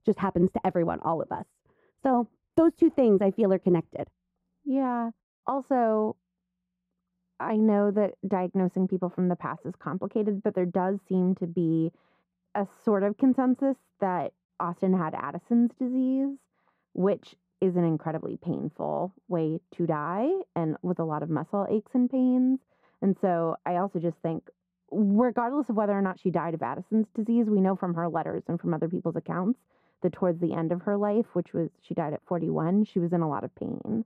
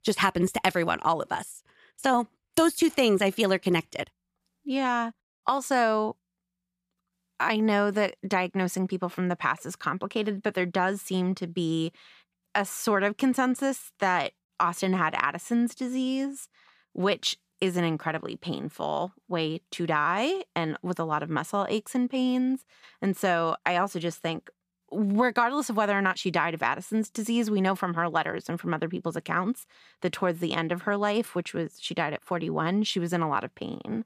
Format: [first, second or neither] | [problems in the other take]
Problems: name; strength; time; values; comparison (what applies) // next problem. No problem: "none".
second | muffled; very; fading above 1.5 kHz